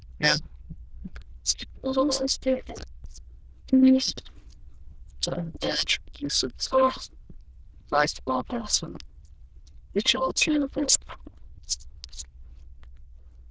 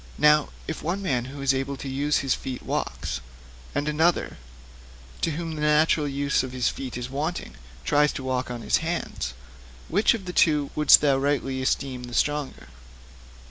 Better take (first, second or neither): second